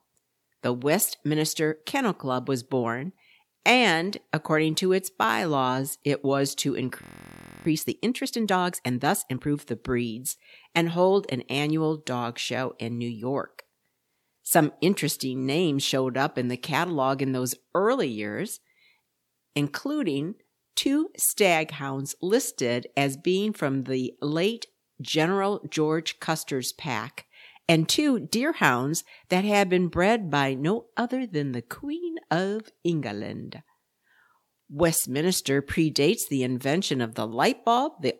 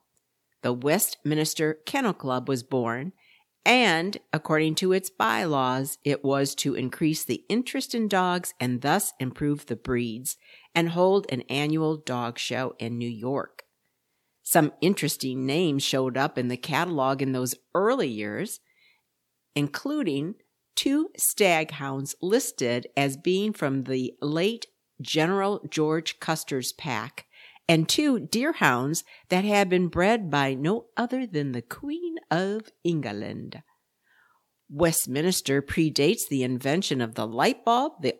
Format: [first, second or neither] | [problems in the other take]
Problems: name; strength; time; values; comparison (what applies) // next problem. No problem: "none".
second | audio freezing; at 7 s for 0.5 s